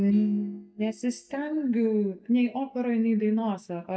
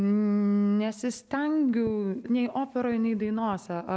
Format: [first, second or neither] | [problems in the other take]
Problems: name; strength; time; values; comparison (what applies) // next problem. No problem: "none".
second | noise reduction (neural mask model DeepFilterNet 3)